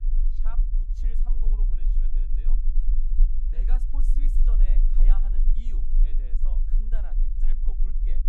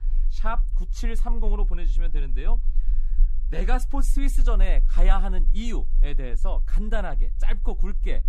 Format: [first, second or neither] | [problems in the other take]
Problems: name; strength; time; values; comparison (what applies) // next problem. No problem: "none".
second | low rumble; loud; throughout; 2 dB below the speech; faint in the second